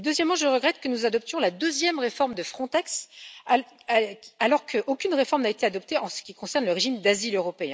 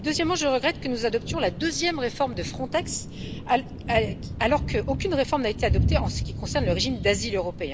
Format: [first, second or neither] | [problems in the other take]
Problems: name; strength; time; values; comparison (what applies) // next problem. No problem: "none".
first | background sound (Thunder / Rain); 4 dB below the speech